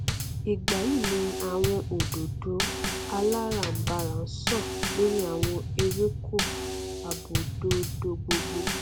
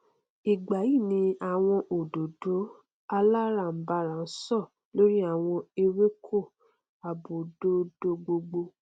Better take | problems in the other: second | background sound (Bass drum / Snare drum / Drum kit); as loud as the speech

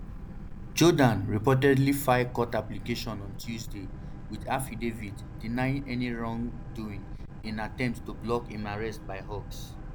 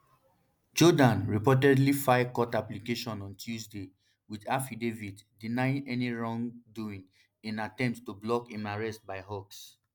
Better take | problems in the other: second | background sound (Boat, Water vehicle); 10 dB below the speech

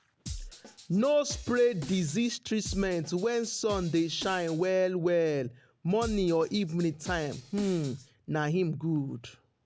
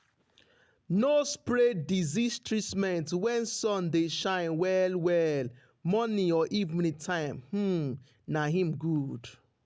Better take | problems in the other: second | background sound (Drum kit); 14 dB below the speech

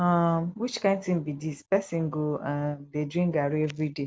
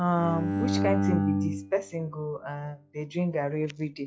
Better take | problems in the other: first | noise reduction (classical method log-MMSE)

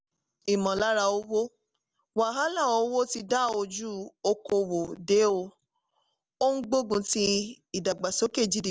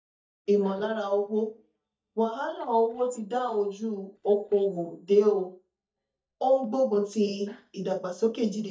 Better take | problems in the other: first | noise reduction (neural mask model DeepFilterNet 3)

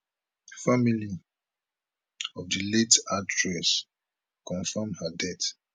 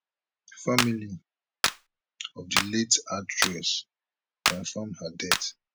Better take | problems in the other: first | background sound (Clapping); as loud as the speech

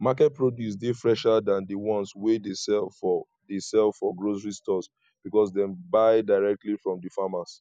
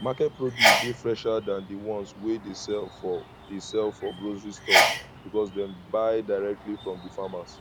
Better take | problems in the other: first | background sound (Sneeze); 1 dB above the speech

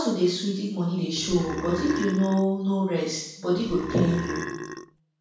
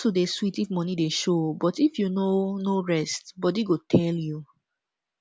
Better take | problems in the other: second | background sound (Burping, eructation); 9 dB below the speech // room echo; dies away in 0.7 s

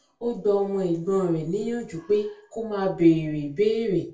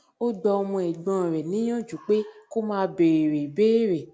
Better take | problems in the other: second | room echo; dies away in 0.2 s

